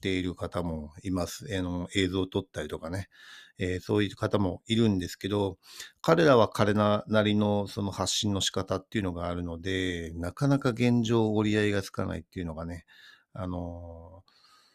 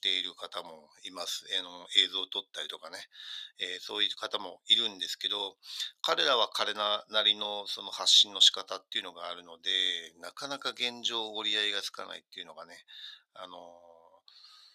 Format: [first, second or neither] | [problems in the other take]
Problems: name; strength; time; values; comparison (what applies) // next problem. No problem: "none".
first | thin; very; fading below 800 Hz